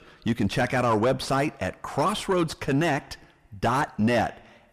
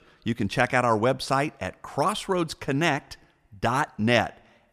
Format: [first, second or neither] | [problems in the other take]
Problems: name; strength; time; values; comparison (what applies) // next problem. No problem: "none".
second | distortion; heavy; 7 dB below the speech